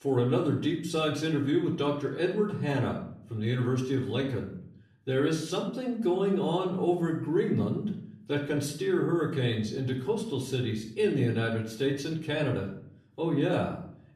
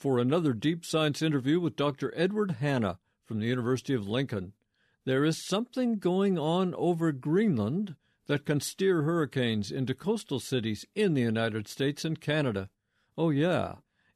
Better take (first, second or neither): second